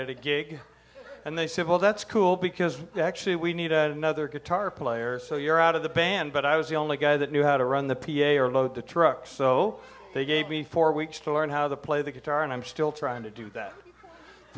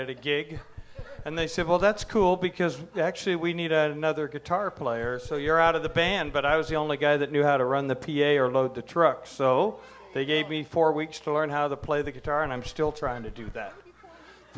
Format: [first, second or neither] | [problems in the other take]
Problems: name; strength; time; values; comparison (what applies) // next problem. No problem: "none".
first | background sound (Knock); 16 dB below the speech